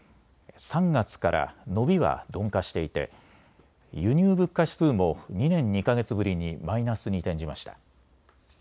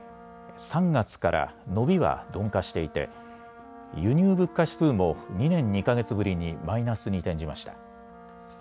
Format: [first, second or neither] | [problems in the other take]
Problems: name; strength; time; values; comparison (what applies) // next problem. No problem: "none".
first | background sound (Wind instrument, woodwind instrument + Brass instrument); 20 dB below the speech